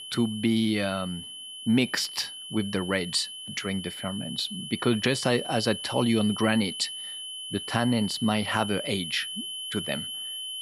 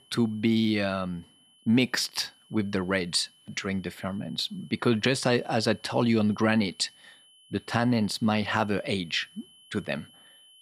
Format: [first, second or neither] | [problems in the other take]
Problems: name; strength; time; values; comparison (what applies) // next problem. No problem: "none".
second | high-pitched whine; loud; throughout; 3 kHz, 8 dB below the speech; faint in the second